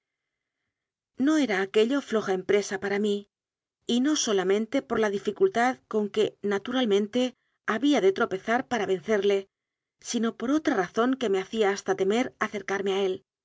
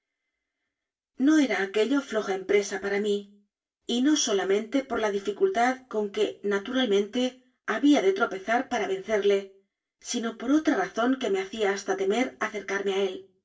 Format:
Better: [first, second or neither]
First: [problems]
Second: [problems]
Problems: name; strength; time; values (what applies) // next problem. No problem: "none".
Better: first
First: none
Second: room echo; dies away in 0.2 s